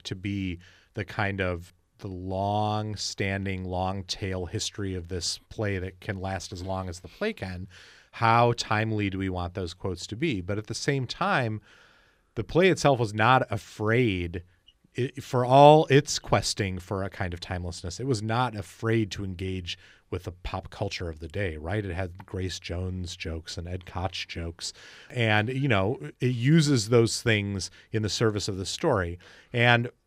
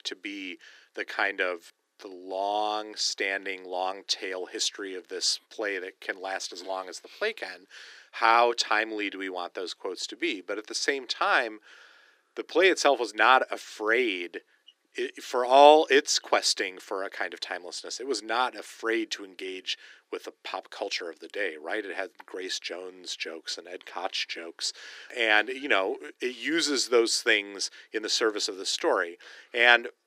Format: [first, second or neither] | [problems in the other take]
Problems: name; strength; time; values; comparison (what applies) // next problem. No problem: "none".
first | thin; very; fading below 300 Hz